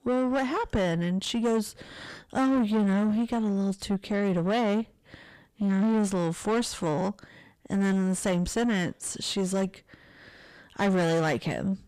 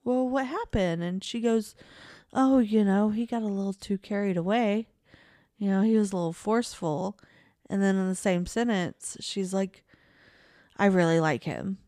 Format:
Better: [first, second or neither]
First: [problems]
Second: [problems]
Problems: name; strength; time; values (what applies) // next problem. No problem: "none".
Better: second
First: distortion; heavy; 6 dB below the speech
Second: none